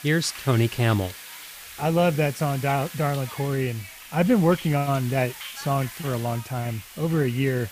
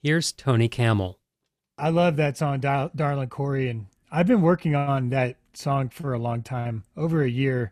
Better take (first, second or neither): second